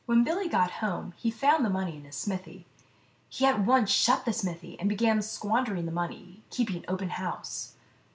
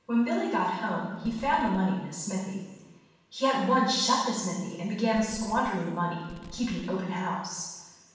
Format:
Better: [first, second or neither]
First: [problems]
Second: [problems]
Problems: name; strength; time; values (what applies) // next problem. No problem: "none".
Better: first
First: none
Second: background sound (Fireworks); 19 dB below the speech // room echo; dies away in 1.1 s